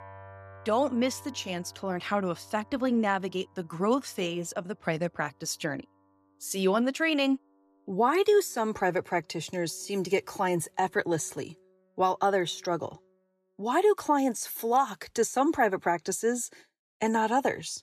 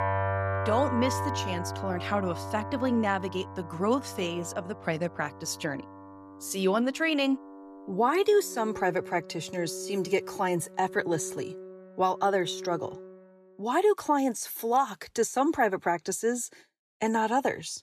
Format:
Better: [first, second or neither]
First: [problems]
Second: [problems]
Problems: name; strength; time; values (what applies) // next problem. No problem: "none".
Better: first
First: background music; faint; until 13 s; 30 dB below the speech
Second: background music; loud; until 13 s; 9 dB below the speech